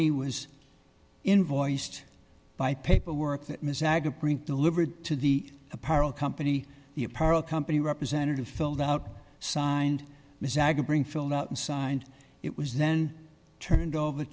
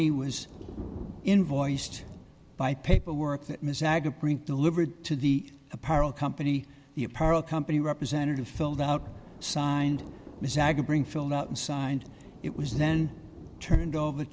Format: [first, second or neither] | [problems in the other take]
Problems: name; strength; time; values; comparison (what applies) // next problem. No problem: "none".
first | background sound (Thunder); 17 dB below the speech